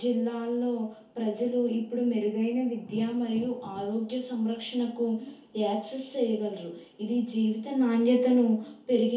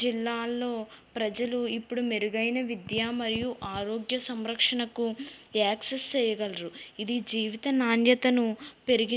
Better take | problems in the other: second | room echo; dies away in 0.5 s

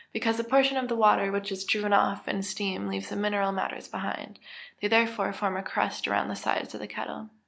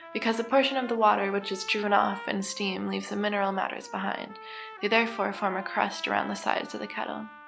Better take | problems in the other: first | background sound (Trumpet); 16 dB below the speech

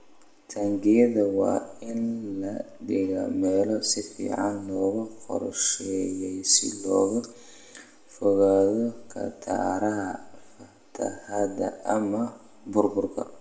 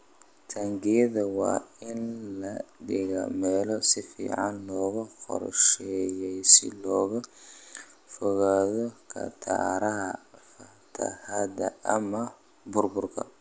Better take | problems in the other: second | room echo; dies away in 0.8 s

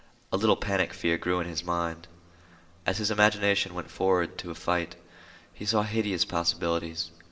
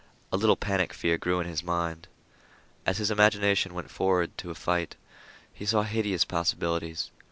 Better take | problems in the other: second | room echo; dies away in 1.3 s

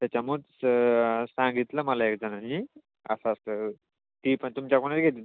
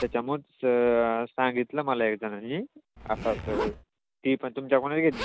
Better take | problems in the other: first | background sound (Zipper (clothing)); 14 dB below the speech

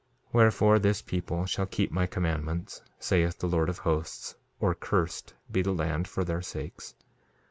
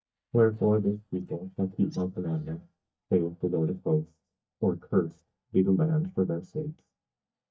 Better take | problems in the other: first | noise reduction (neural mask model DeepFilterNet 3)

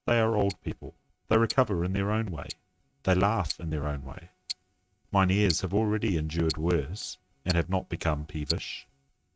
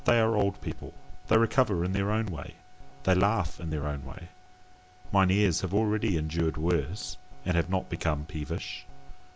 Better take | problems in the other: second | noise reduction (neural mask model RNNoise)

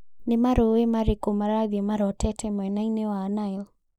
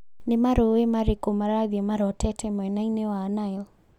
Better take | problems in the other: second | noise reduction (neural mask model Resemble Enhance denoiser)

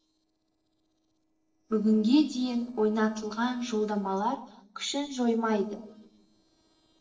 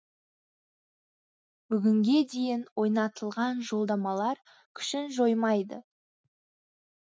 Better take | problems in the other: second | noise reduction (neural separator model SepFormer DNS4)

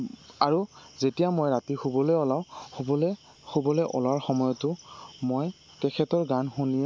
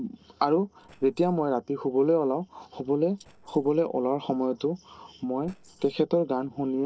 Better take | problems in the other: first | noise reduction (neural separator model SepFormer DNS4)

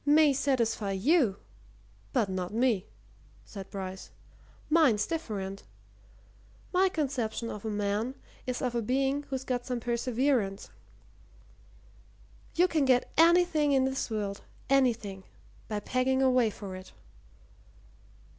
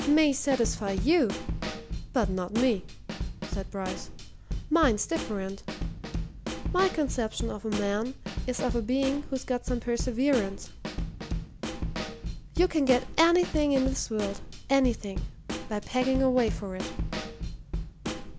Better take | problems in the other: first | background sound (Snare drum / Drum kit); 6 dB below the speech

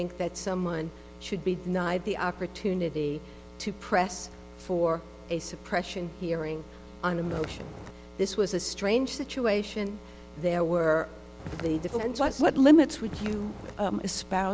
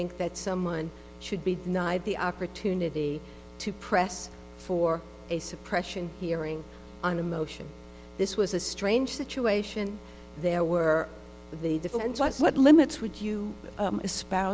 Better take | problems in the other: second | background sound (Walk, footsteps); 12 dB below the speech

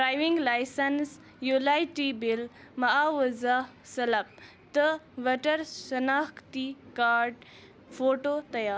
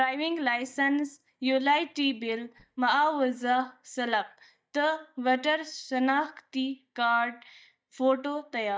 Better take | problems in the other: first | noise reduction (neural mask model DeepFilterNet 3)

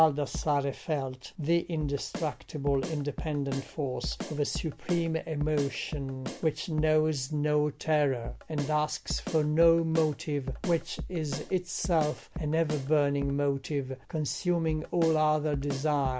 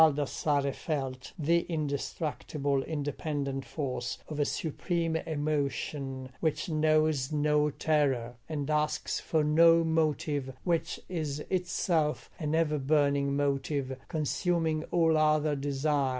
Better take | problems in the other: second | background sound (Drum kit); 12 dB below the speech

